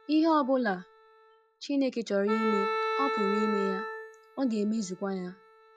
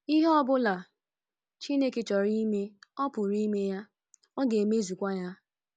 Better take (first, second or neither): second